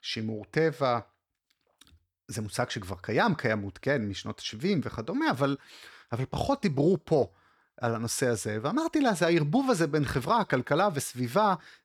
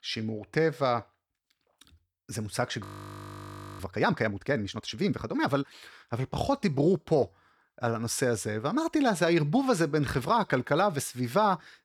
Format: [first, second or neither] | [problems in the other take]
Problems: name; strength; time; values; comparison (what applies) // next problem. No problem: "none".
first | audio freezing; at 3 s for 1 s